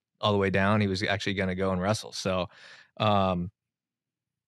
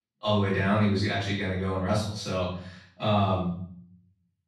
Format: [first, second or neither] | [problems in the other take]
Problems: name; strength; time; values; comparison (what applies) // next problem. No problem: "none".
first | off-mic speech; far // room echo; noticeable; dies away in 0.6 s